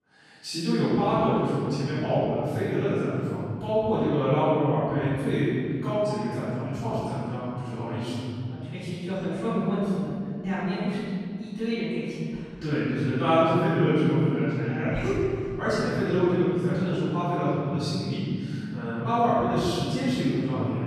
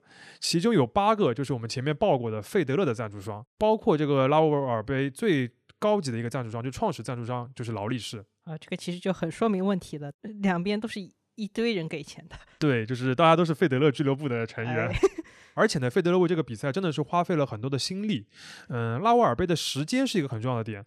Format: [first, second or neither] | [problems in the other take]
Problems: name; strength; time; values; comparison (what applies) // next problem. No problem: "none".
second | off-mic speech; far // room echo; strong; dies away in 3 s